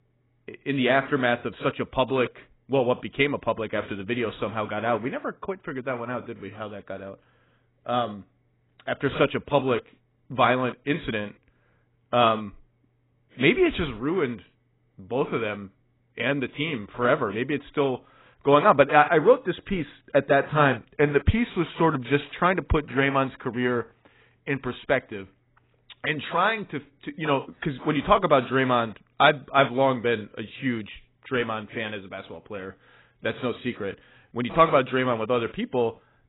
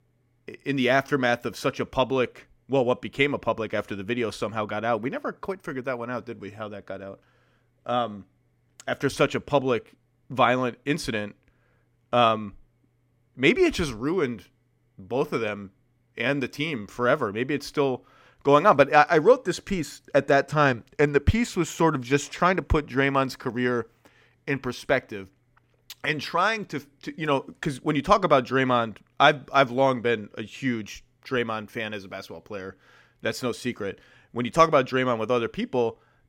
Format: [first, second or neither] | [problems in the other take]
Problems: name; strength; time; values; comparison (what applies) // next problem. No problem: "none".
second | garbled, watery; badly; nothing above 4 kHz